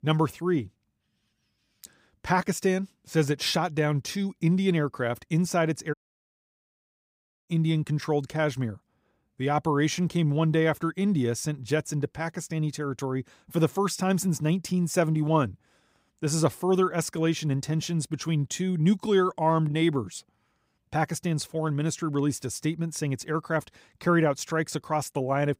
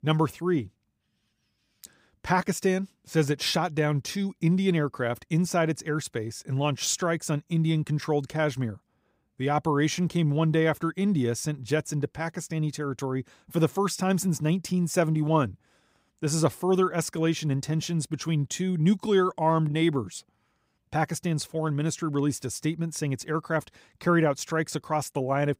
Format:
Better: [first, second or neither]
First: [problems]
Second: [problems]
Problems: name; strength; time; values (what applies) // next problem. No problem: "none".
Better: second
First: audio cutting out; at 6 s for 1.5 s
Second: none